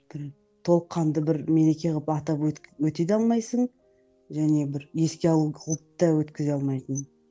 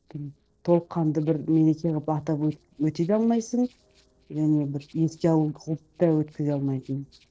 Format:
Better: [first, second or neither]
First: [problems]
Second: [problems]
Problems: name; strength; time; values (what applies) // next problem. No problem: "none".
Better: first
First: none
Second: noise reduction (neural separator model SepFormer DNS4)